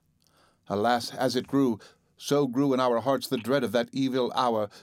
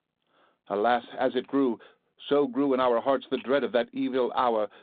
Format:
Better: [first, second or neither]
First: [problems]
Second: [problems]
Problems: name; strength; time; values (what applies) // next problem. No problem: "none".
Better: first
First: none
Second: phone-call audio; nothing above 4 kHz